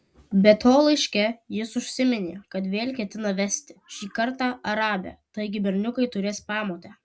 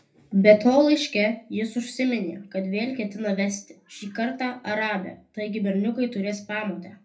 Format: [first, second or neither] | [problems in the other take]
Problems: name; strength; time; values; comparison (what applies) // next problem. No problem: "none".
first | room echo; dies away in 0.3 s